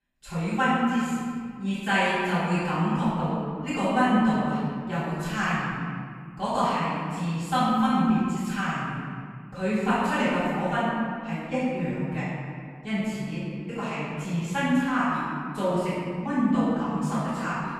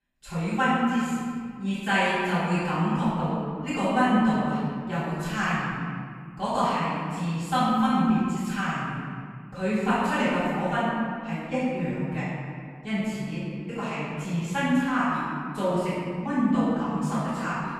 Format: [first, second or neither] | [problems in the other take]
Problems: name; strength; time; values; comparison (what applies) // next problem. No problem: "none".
neither | off-mic speech; far; the same in both // room echo; strong; dies away in 2 s; the same in both